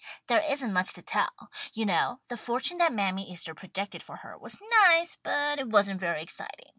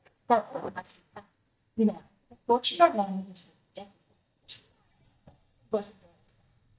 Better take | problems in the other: first | noise reduction (neural mask model DeepFilterNet 3)

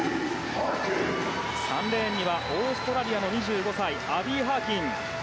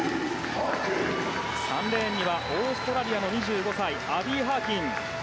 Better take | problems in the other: first | background sound (Applause / Clapping); 14 dB below the speech

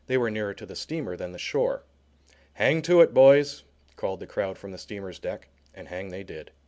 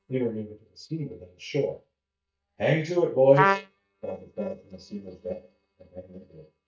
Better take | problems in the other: first | noise reduction (neural mask model DeepFilterNet 3)

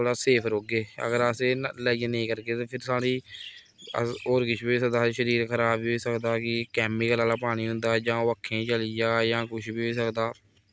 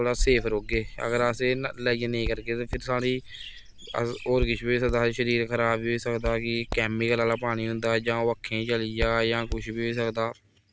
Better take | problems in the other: first | background sound (Hands); 10 dB below the speech

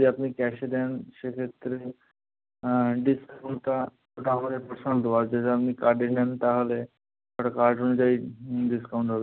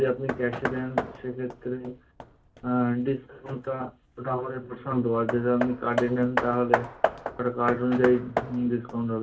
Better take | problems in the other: first | background sound (Hammer); 6 dB below the speech // room echo; dies away in 0.2 s

